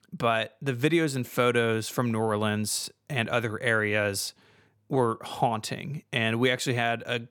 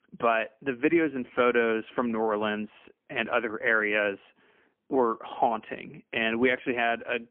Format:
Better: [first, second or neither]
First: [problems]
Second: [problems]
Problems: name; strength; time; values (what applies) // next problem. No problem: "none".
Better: first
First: none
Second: phone-call audio; poor line; nothing above 3 kHz